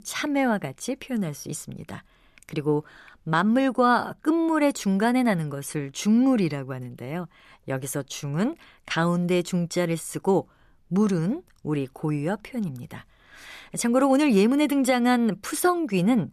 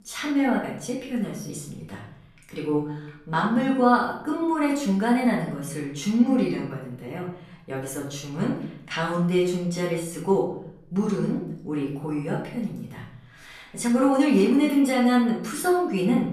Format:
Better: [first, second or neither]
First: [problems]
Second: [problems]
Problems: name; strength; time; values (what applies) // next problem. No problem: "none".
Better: first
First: none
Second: off-mic speech; far // room echo; noticeable; dies away in 0.6 s